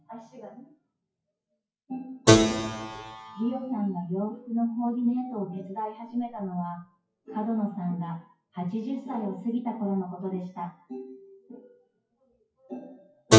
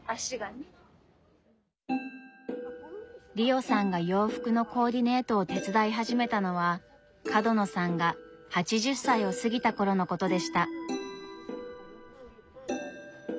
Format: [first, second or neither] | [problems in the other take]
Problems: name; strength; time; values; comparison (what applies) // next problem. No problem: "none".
second | noise reduction (classical method WPE with log-MMSE)